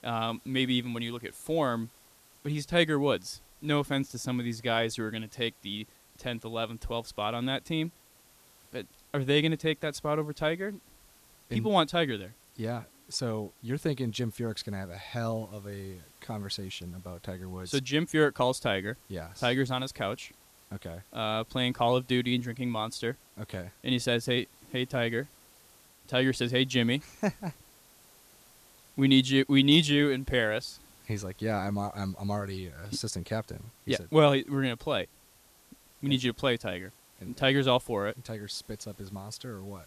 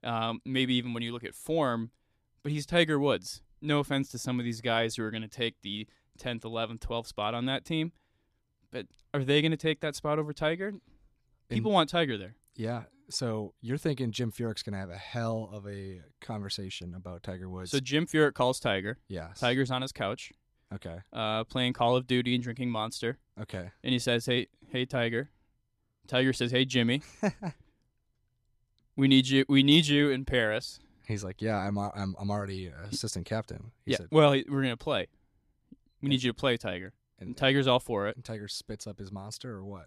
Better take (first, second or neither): second